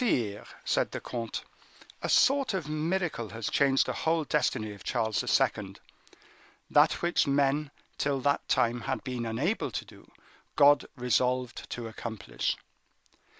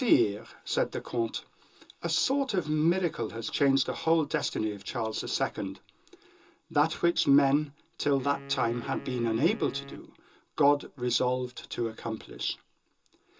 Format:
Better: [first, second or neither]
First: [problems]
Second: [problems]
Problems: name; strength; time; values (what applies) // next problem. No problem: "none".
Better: first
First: none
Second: background sound (Wind instrument, woodwind instrument); 17 dB below the speech // room echo; dies away in 0.2 s